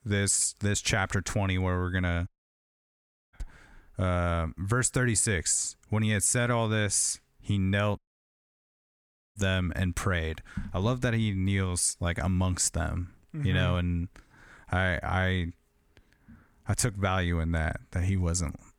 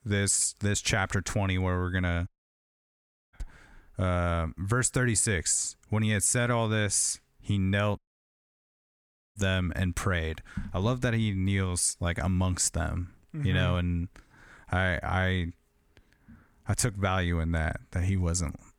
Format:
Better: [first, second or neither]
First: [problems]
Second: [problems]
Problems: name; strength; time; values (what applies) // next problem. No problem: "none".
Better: neither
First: audio cutting out; at 2.5 s for 1 s and at 8 s for 1.5 s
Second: audio cutting out; at 2.5 s for 1 s and at 8 s for 1.5 s